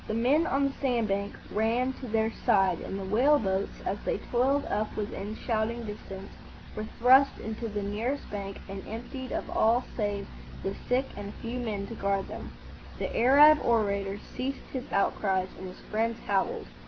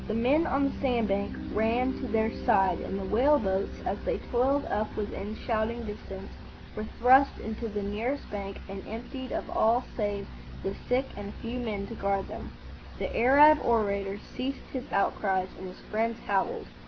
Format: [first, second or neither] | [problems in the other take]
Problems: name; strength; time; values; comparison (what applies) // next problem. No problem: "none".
first | background sound (Piano); 15 dB below the speech